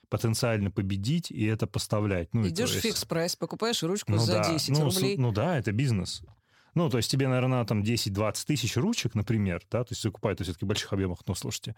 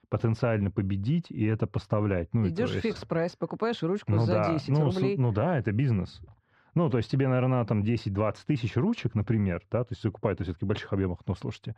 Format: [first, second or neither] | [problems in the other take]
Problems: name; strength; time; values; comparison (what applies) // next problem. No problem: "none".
first | muffled; very; fading above 2 kHz